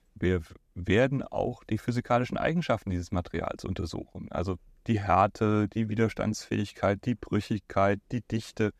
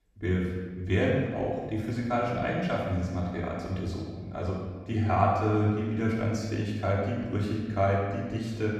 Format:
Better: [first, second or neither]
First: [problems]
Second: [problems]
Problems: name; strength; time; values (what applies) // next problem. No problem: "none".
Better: first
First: none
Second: off-mic speech; far // room echo; noticeable; dies away in 1.3 s